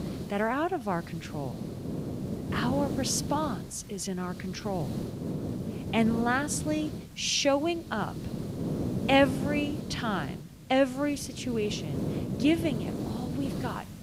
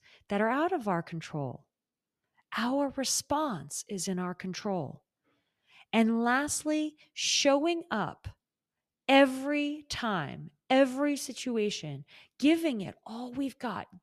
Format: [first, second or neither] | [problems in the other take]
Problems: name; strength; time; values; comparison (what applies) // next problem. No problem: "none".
second | hiss; loud; throughout; 5 dB below the speech